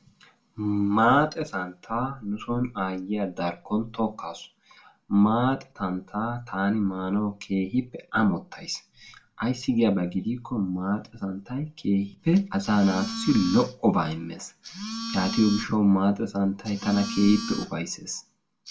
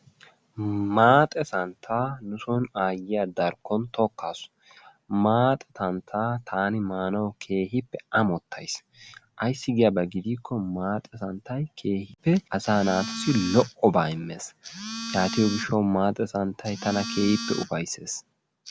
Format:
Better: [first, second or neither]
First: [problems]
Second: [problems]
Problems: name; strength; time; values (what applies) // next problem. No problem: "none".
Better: second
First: room echo; dies away in 0.2 s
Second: none